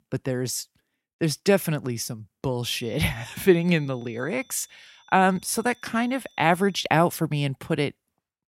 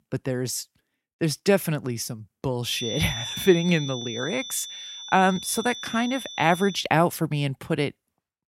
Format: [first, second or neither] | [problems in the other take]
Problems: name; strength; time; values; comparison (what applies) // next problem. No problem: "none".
first | high-pitched whine; loud; from 2.5 to 7 s; 3.5 kHz, 9 dB below the speech; faint in the first